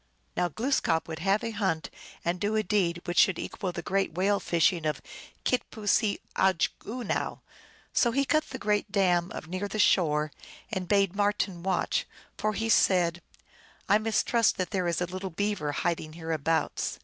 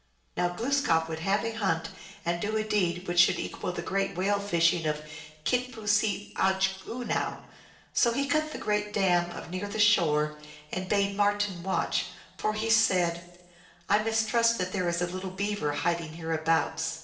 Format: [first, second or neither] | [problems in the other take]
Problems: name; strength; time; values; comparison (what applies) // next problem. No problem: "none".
first | room echo; dies away in 0.8 s